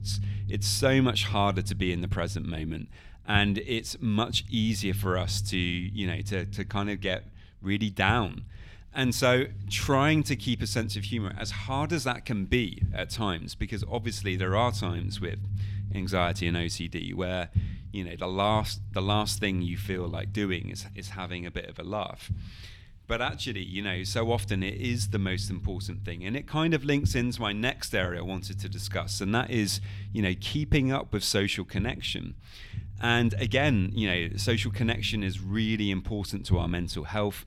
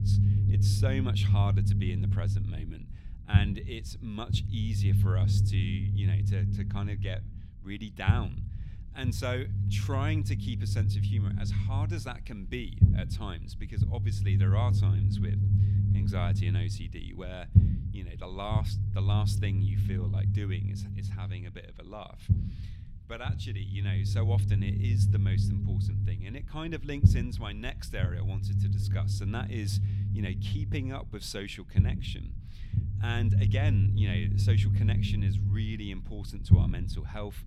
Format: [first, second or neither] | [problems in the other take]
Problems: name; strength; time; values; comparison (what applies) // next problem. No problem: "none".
first | low rumble; loud; throughout; 2 dB below the speech; faint in the first